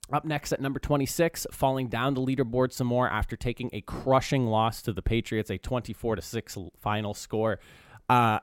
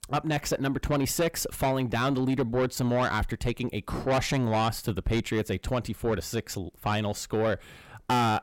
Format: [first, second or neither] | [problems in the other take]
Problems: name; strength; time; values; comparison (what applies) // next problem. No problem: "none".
first | distortion; heavy; 8 dB below the speech